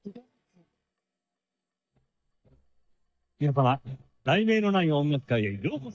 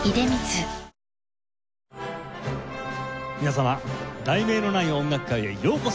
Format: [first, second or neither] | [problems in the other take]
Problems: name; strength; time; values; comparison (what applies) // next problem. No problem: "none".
second | noise reduction (neural mask model DeepFilterNet 3)